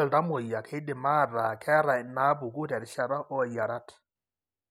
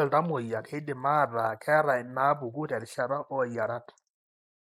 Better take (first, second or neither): first